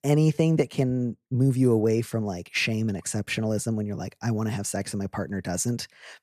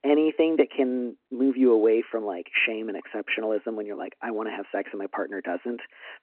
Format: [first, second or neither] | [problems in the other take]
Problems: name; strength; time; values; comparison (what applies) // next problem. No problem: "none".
first | phone-call audio; nothing above 2.5 kHz